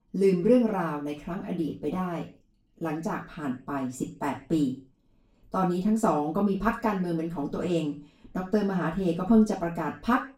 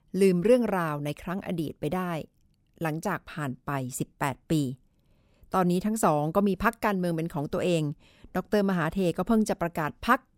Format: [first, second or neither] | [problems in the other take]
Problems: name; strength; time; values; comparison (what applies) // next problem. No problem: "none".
second | room echo; slight; dies away in 0.3 s // off-mic speech; far